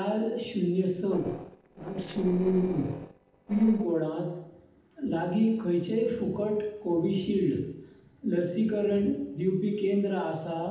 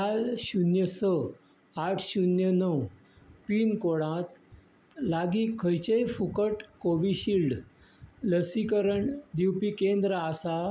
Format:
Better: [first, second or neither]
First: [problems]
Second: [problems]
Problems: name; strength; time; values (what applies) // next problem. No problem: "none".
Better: second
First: noise reduction (neural separator model SepFormer DNS4)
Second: none